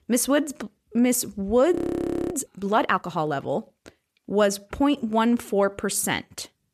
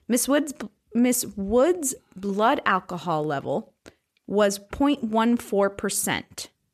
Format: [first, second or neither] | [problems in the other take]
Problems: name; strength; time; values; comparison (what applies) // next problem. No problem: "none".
second | audio freezing; at 2 s for 0.5 s